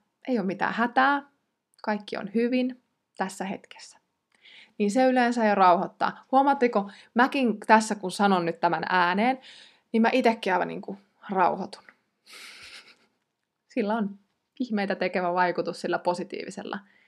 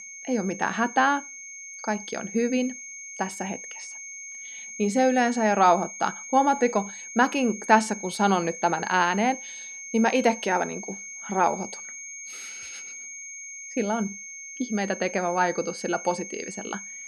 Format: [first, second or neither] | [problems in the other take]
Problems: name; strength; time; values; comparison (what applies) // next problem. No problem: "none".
first | high-pitched whine; noticeable; throughout; 6.5 kHz, 10 dB below the speech